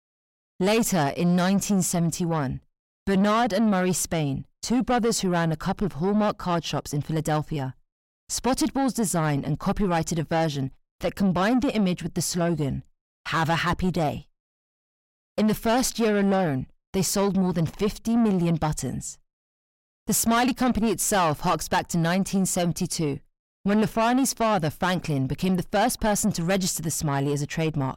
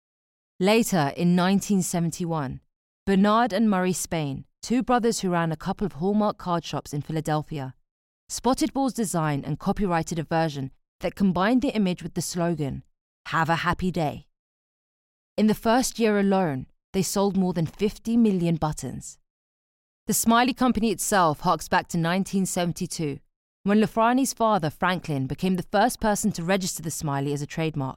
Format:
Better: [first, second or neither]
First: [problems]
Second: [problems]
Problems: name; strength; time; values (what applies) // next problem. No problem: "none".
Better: second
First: distortion; slight; 10 dB below the speech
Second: none